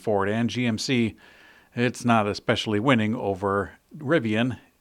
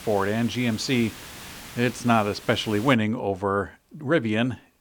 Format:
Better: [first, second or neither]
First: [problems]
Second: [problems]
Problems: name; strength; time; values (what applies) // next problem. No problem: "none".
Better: first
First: none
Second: hiss; noticeable; until 3 s; 15 dB below the speech